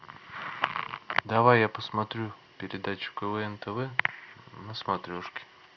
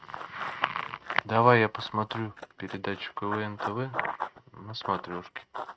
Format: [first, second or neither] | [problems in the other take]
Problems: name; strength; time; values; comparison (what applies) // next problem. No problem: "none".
first | noise reduction (neural mask model RNNoise)